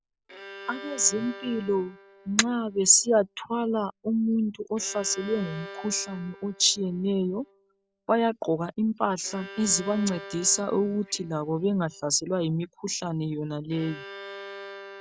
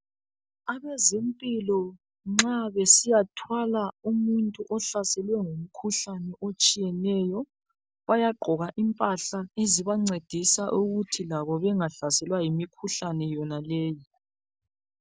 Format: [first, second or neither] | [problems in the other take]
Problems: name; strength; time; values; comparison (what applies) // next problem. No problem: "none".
second | background sound (Bowed string instrument); 17 dB below the speech